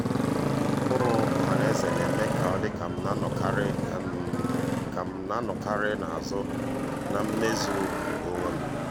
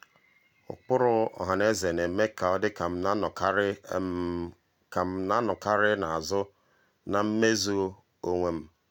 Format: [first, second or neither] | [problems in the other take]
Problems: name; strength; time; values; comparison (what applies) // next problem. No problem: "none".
second | background sound (Motorcycle); 4 dB above the speech